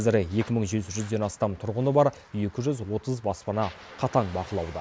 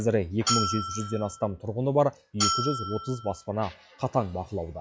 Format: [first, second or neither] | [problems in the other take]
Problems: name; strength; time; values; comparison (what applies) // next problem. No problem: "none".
first | noise reduction (classical method log-MMSE)